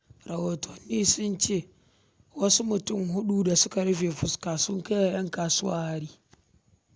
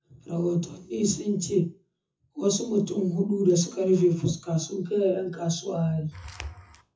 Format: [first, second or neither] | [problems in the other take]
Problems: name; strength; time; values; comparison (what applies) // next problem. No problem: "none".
first | noise reduction (classical method WPE with log-MMSE)